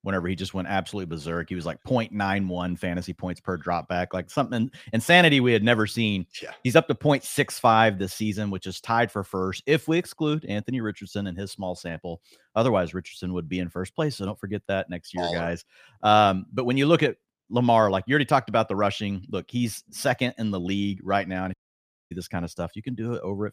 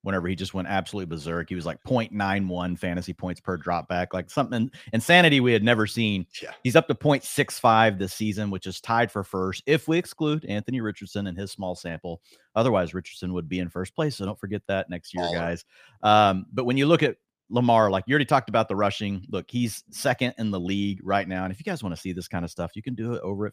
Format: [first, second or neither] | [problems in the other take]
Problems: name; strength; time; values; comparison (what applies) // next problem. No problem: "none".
second | audio cutting out; at 22 s for 0.5 s